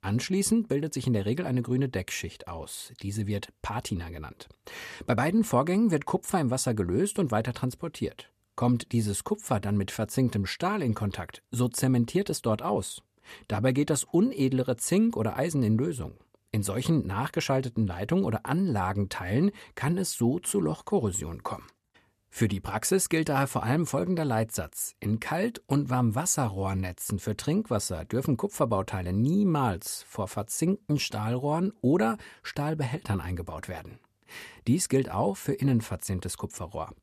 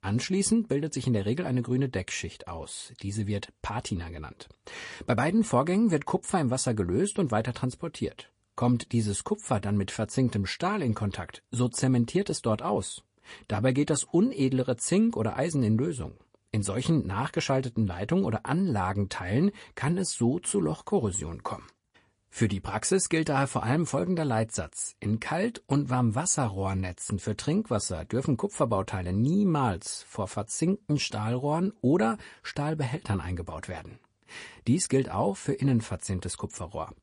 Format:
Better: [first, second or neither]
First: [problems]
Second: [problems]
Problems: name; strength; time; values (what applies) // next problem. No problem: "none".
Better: first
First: none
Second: garbled, watery; slightly; nothing above 10.5 kHz